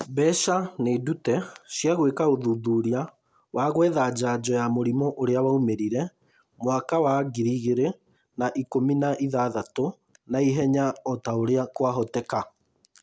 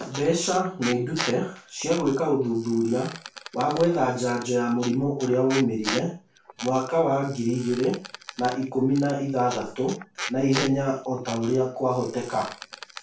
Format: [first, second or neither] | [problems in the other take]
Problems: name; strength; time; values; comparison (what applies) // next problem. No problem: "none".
first | background sound (Squeak); 14 dB below the speech // room echo; dies away in 0.3 s